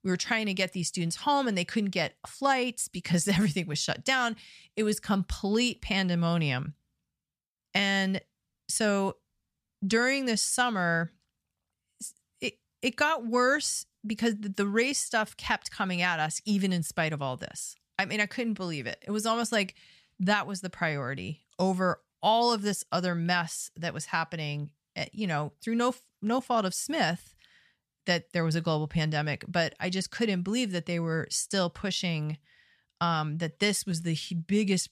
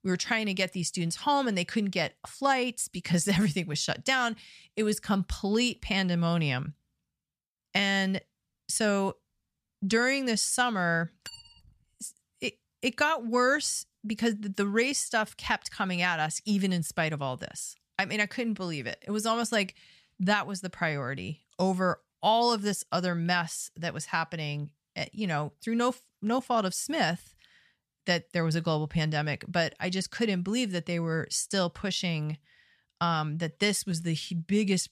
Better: first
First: none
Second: clattering dishes; faint; at 11 s; peak 15 dB below the speech

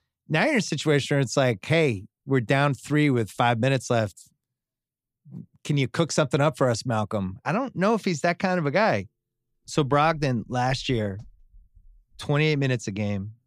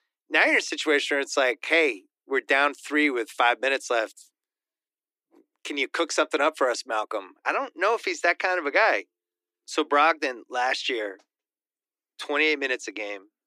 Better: first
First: none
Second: thin; somewhat; fading below 300 Hz

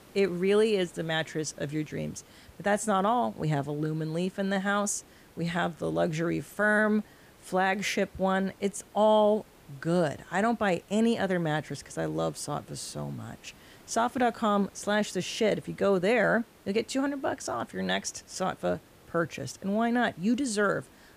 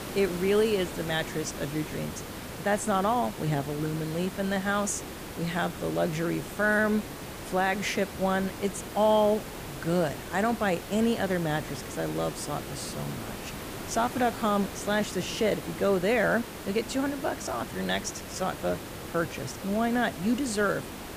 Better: first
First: hiss; faint; throughout; 25 dB below the speech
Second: hiss; loud; throughout; 10 dB below the speech

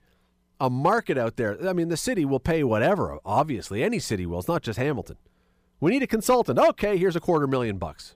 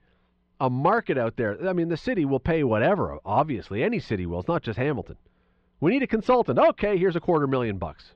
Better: first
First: none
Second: muffled; slightly; fading above 3.5 kHz

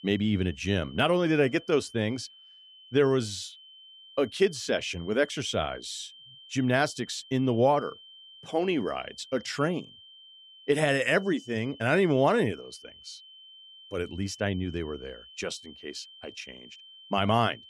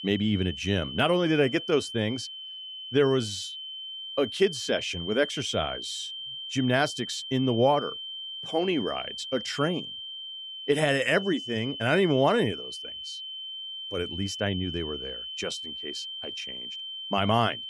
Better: first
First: high-pitched whine; faint; throughout; 3 kHz, 20 dB below the speech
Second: high-pitched whine; loud; throughout; 3 kHz, 8 dB below the speech

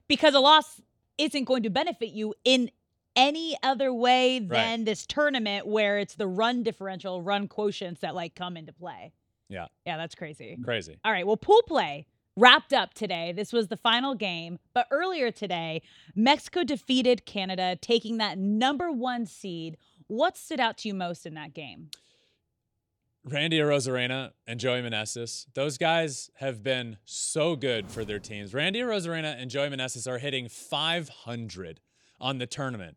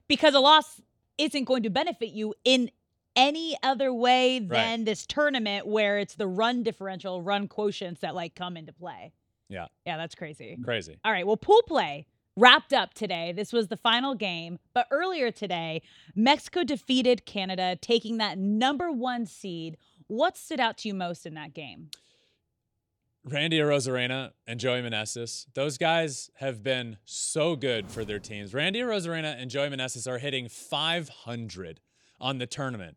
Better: neither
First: none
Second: none

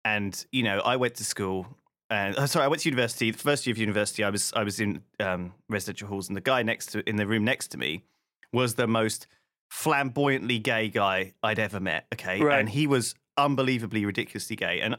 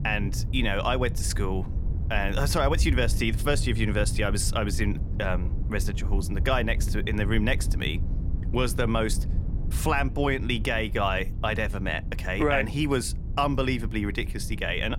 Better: first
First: none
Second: low rumble; noticeable; throughout; 15 dB below the speech

